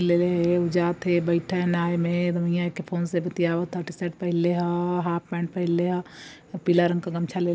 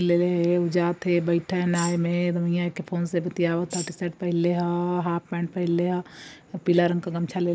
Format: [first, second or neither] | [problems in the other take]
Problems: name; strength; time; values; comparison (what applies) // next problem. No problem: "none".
first | noise reduction (neural mask model Resemble Enhance denoiser)